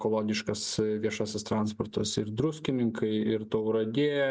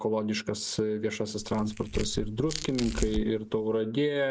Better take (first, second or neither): first